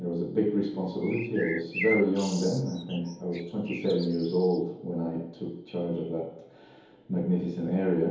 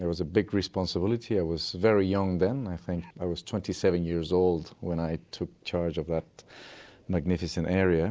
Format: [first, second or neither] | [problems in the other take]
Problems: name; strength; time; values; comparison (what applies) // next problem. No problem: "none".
second | background sound (Bird); 10 dB below the speech // room echo; dies away in 2.2 s